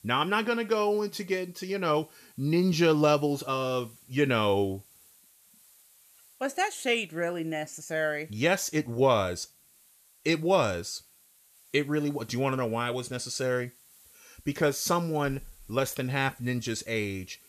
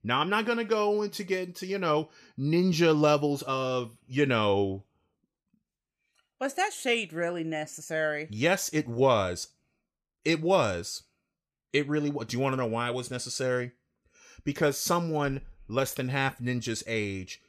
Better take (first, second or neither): second